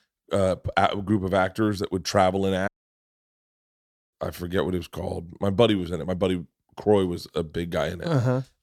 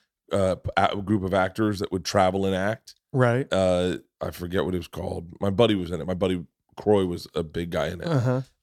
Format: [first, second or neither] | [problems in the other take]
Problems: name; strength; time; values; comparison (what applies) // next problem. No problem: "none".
second | audio cutting out; at 2.5 s for 1.5 s